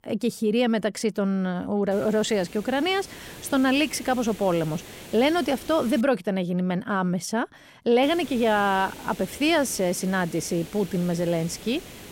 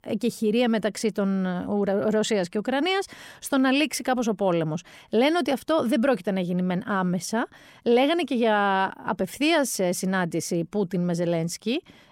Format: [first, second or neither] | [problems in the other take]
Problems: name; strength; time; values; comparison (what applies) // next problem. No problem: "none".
second | hiss; noticeable; from 2 to 6 s and from 8 s on; 15 dB below the speech